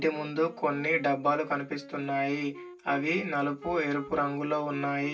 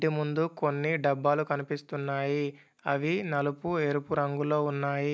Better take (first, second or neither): second